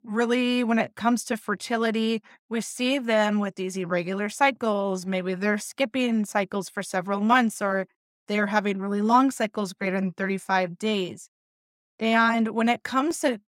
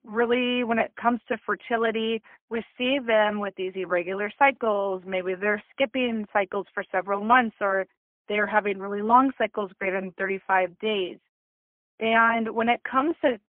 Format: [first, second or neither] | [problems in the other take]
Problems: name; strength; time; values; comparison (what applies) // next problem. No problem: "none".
first | phone-call audio; poor line; nothing above 3 kHz